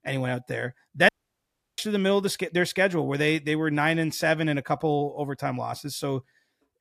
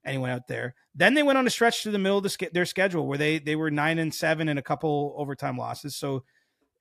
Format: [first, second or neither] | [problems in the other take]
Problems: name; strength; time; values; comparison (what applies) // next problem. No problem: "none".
second | audio cutting out; at 1 s for 0.5 s